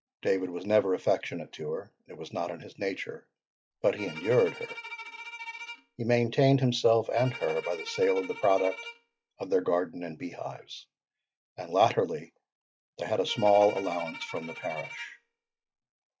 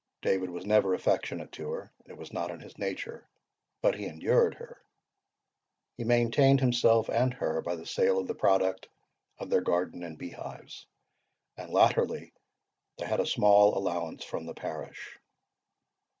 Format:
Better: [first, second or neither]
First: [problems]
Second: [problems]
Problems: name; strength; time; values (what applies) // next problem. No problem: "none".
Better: second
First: noise reduction (classical method log-MMSE)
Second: none